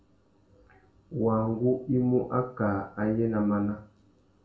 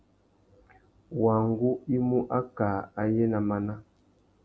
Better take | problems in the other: second | room echo; dies away in 0.4 s

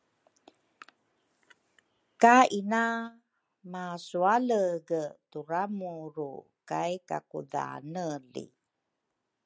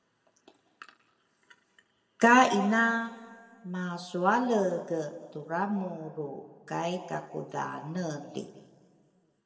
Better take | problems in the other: first | room echo; dies away in 1.7 s

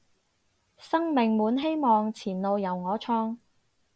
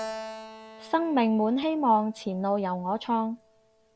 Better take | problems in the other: first | background sound (Keyboard (musical)); 16 dB below the speech

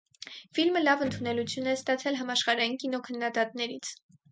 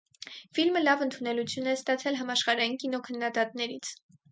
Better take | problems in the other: second | background sound (Electric guitar); 13 dB below the speech

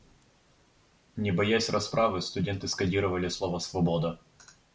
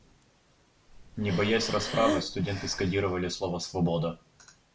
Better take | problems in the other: first | background sound (Breathing); 6 dB below the speech

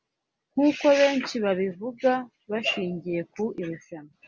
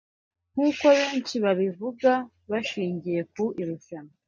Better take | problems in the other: first | noise reduction (neural mask model DeepFilterNet 3)

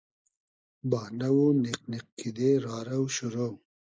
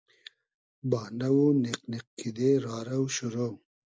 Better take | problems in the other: second | noise reduction (neural mask model Resemble Enhance denoiser)

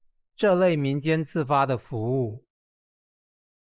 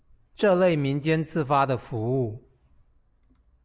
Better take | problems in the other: second | noise reduction (neural mask model Resemble Enhance denoiser)

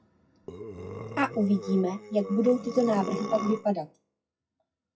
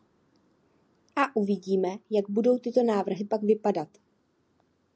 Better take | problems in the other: second | noise reduction (classical method WPE with log-MMSE)

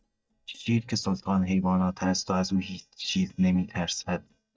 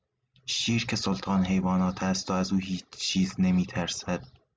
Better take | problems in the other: second | noise reduction (neural mask model DeepFilterNet 3)

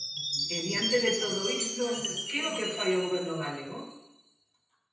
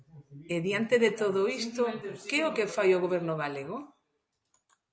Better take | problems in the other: second | background sound (Chime); 3 dB below the speech // room echo; dies away in 0.9 s

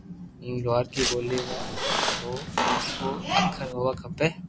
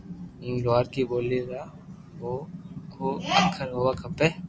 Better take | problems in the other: second | background sound (Tearing + Squeak); 1 dB below the speech

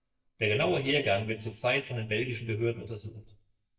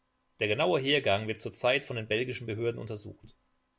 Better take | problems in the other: second | noise reduction (neural mask model DeepFilterNet 3)

